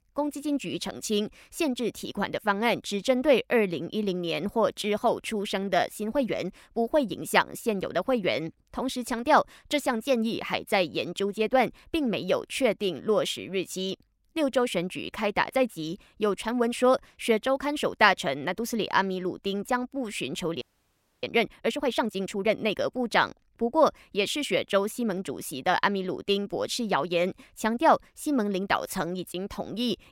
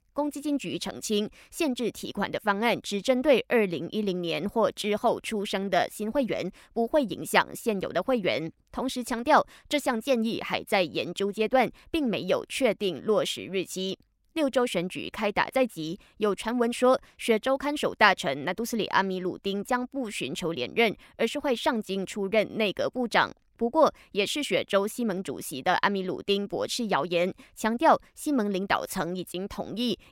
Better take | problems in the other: second | audio freezing; at 21 s for 0.5 s

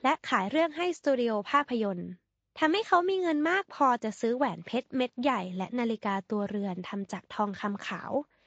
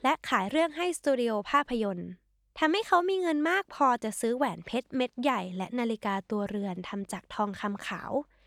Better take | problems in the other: second | garbled, watery; slightly; nothing above 7.5 kHz

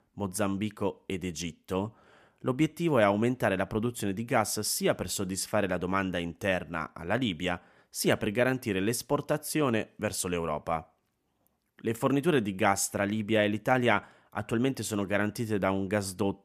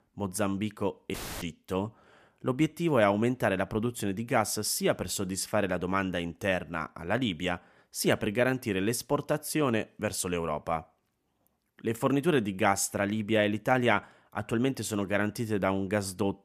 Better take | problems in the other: first | audio cutting out; filled with static; at 1 s

